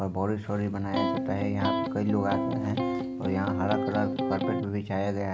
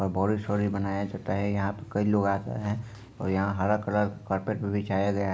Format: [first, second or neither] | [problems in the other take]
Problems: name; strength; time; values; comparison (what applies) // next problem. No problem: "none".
second | background sound (Electric guitar); as loud as the speech